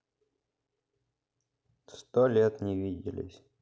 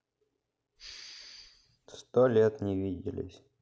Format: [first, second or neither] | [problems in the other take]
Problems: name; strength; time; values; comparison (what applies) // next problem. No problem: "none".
first | background sound (Respiratory sounds); 18 dB below the speech